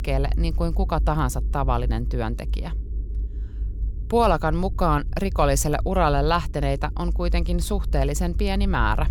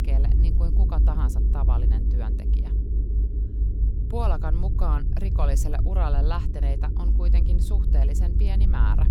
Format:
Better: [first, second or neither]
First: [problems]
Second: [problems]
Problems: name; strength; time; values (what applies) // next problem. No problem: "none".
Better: first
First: low rumble; faint; throughout; 25 dB below the speech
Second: low rumble; loud; throughout; 5 dB below the speech